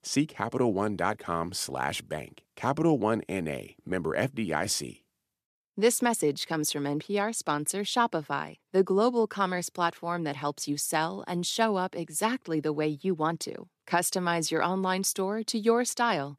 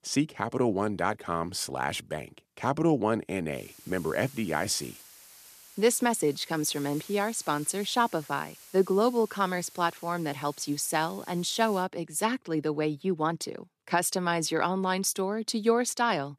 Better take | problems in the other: first | hiss; noticeable; from 3.5 to 12 s; 20 dB below the speech

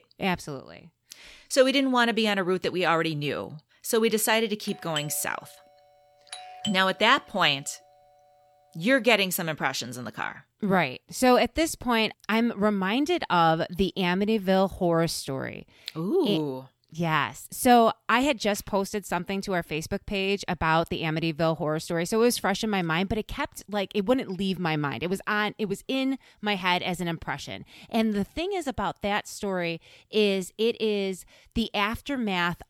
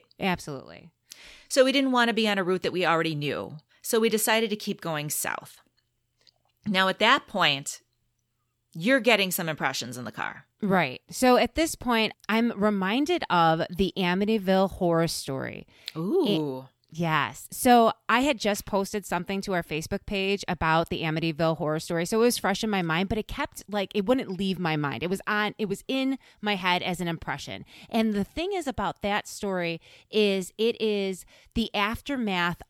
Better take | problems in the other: second | doorbell; noticeable; from 4.5 to 7 s; peak 9 dB below the speech

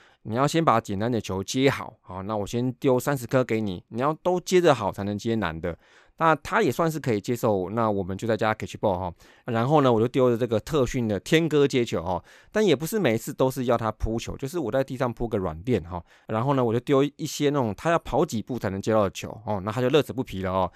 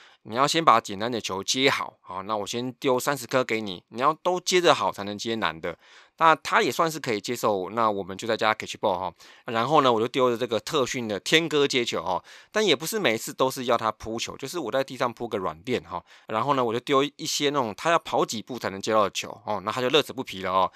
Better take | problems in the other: first | thin; very slightly; fading below 400 Hz

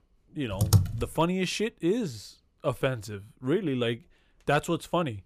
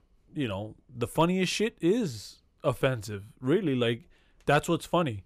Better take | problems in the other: second | keyboard typing; loud; at 0.5 s; peak 6 dB above the speech

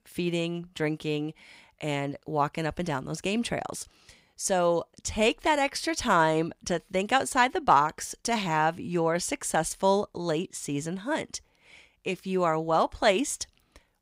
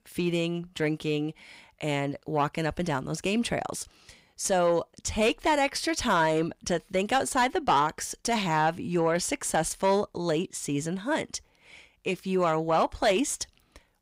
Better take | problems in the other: first | distortion; slight; 10 dB below the speech

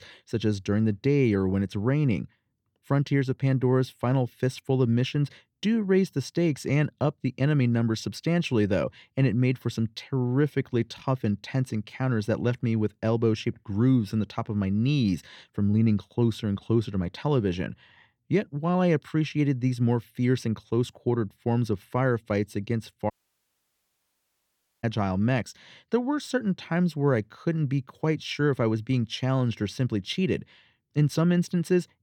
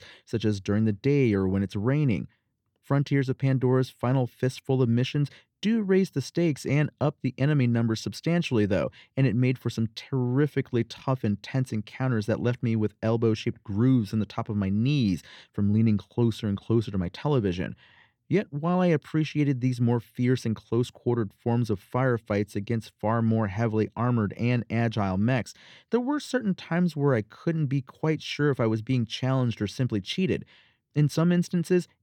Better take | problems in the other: second | audio cutting out; at 23 s for 1.5 s

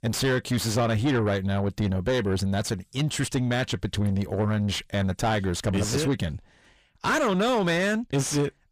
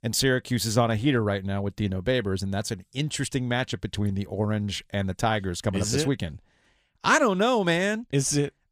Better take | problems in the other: second | distortion; heavy; 7 dB below the speech

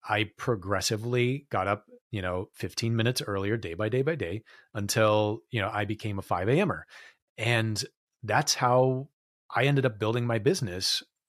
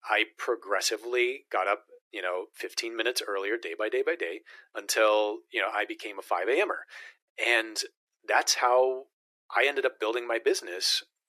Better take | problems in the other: first | thin; very; fading below 350 Hz

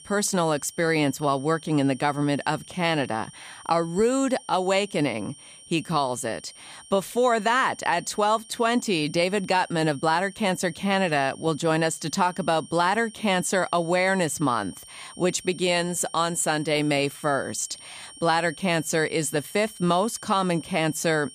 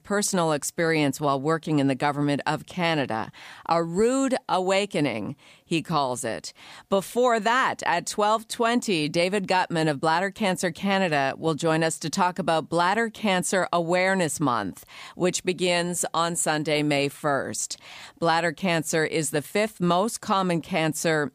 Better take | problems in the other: second | high-pitched whine; noticeable; throughout; 9 kHz, 20 dB below the speech

